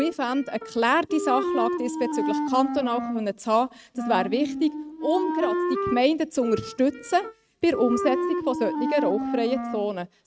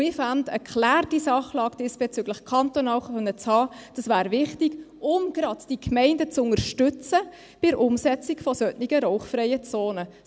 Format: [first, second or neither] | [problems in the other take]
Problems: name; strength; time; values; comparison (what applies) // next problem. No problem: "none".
second | noise reduction (neural mask model RNNoise)